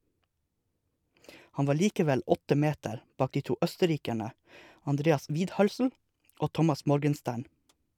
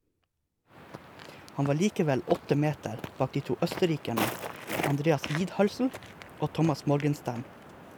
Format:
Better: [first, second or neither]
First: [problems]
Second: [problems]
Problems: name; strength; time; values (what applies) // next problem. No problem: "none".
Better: first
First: none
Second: background sound (Walk, footsteps); 10 dB below the speech